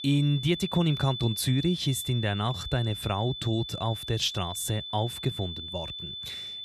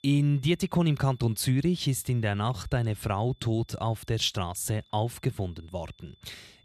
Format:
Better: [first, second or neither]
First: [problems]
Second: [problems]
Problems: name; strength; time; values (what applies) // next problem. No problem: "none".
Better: second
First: high-pitched whine; loud; throughout; 3.5 kHz, 7 dB below the speech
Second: high-pitched whine; faint; throughout; 3.5 kHz, 35 dB below the speech